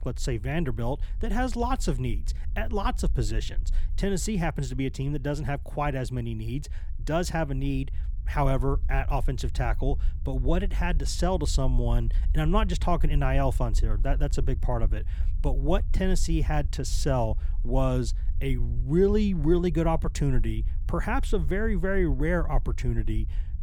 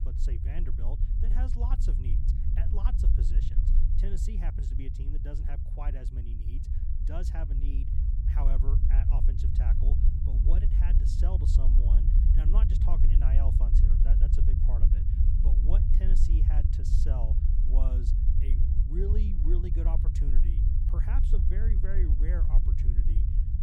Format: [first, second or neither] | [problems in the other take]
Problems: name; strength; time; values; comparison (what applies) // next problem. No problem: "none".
first | low rumble; loud; throughout; as loud as the speech; faint in the first